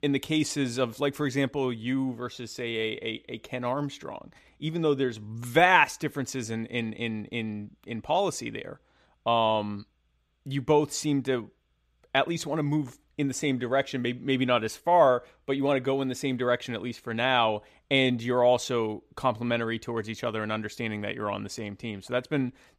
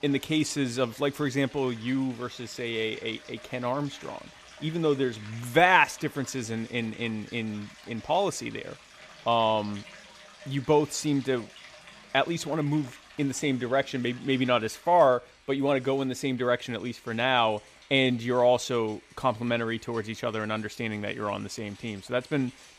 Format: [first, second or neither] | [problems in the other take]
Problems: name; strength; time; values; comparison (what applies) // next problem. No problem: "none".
first | rain or running water; faint; throughout; 20 dB below the speech